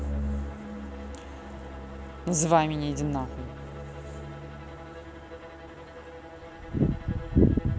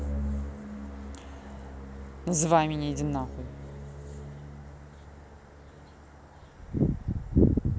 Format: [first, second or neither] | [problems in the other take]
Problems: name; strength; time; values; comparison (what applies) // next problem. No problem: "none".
second | background sound (Bowed string instrument); 16 dB below the speech